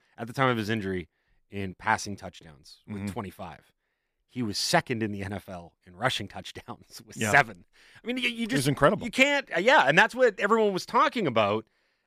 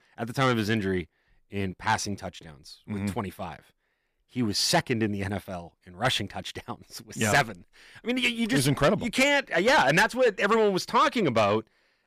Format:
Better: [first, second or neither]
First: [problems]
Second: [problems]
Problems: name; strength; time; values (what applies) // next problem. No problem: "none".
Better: first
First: none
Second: distortion; heavy; 8 dB below the speech